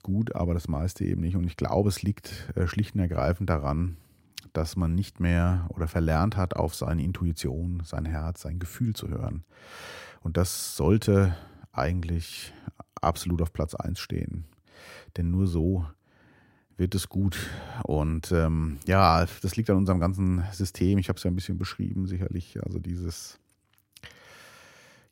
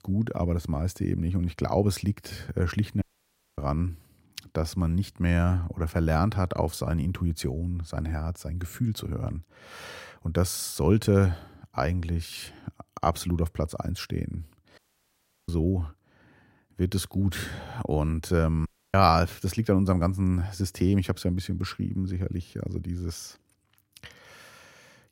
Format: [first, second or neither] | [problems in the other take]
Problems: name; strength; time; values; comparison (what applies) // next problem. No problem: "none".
first | audio cutting out; at 3 s for 0.5 s, at 15 s for 0.5 s and at 19 s